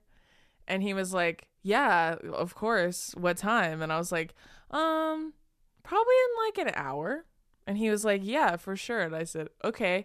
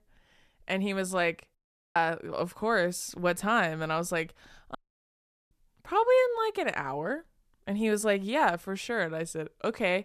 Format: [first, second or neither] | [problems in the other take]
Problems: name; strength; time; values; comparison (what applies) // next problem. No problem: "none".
first | audio cutting out; at 1.5 s and at 5 s for 1 s